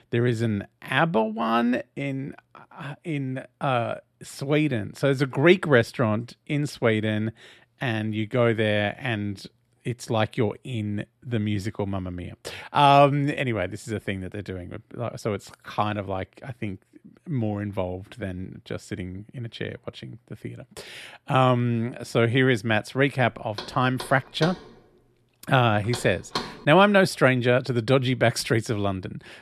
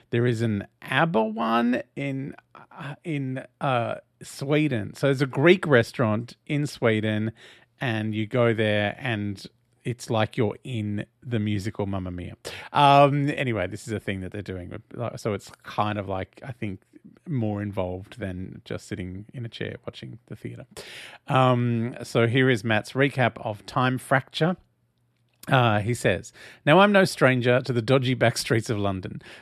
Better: second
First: door banging; noticeable; from 24 to 27 s; peak 7 dB below the speech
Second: none

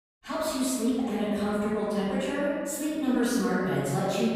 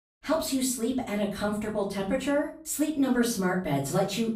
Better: second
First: room echo; strong; dies away in 1.6 s // off-mic speech; far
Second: room echo; slight; dies away in 0.4 s // off-mic speech; far

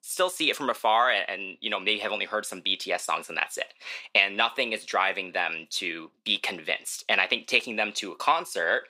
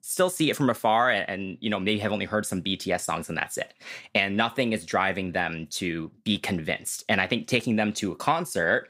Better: second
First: thin; somewhat; fading below 450 Hz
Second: none

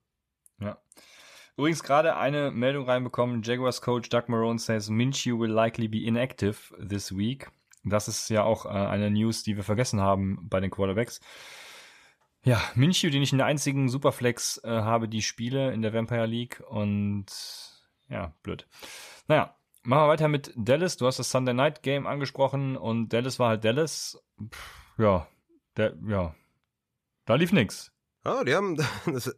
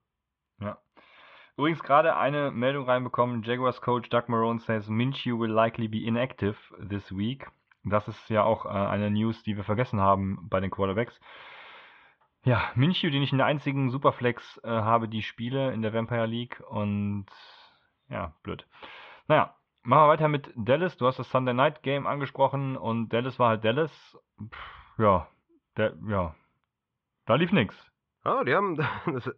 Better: first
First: none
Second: muffled; very; fading above 3.5 kHz

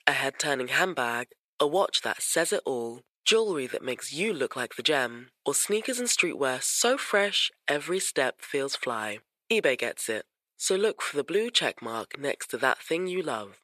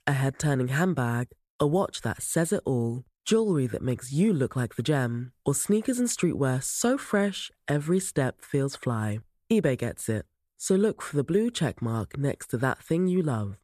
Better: second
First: thin; very; fading below 550 Hz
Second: none

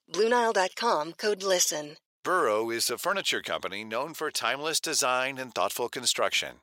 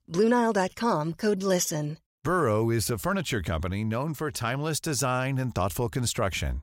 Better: second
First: thin; very; fading below 500 Hz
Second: none

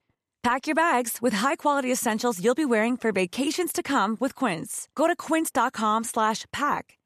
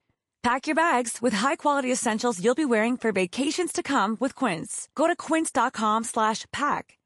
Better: first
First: none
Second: garbled, watery; slightly; nothing above 11 kHz

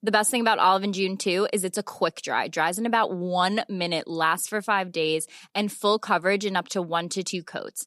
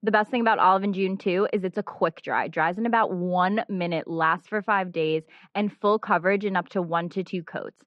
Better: first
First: none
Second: muffled; very; fading above 2.5 kHz

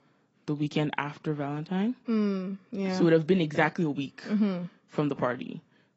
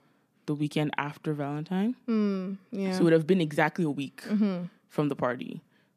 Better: second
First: garbled, watery; badly; nothing above 7.5 kHz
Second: none

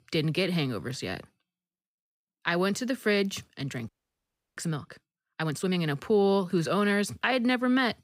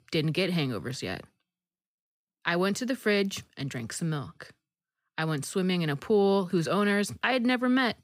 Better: second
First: audio freezing; at 4 s for 0.5 s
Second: none

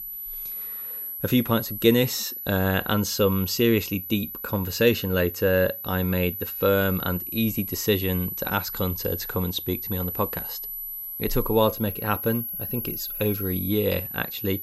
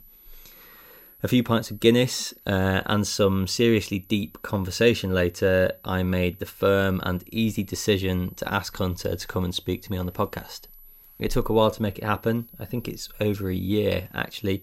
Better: second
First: high-pitched whine; loud; throughout; 12 kHz, 6 dB below the speech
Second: high-pitched whine; faint; throughout; 12 kHz, 25 dB below the speech

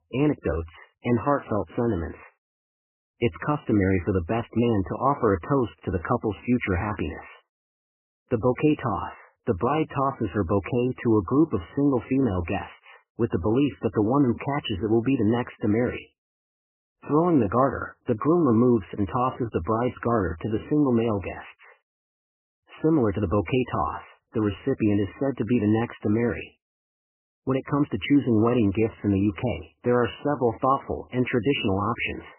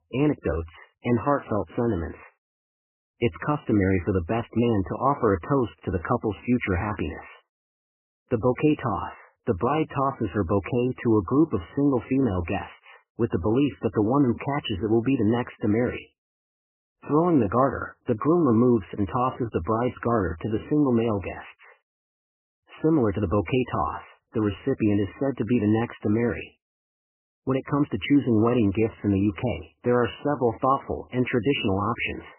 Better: neither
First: garbled, watery; badly; nothing above 3 kHz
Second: garbled, watery; badly; nothing above 3 kHz

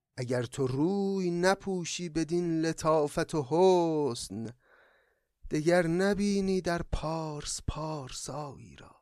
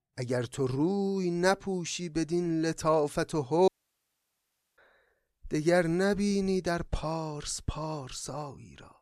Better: first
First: none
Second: audio cutting out; at 3.5 s for 1 s

